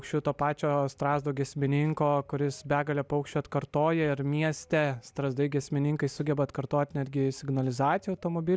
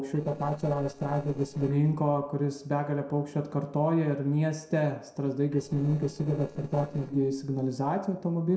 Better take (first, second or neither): first